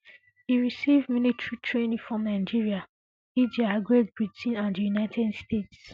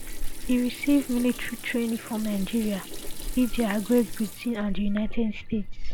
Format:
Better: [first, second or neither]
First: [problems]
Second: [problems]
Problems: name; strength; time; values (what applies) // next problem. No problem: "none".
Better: first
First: none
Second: background sound (Sink (filling or washing) / Water tap, faucet); 4 dB below the speech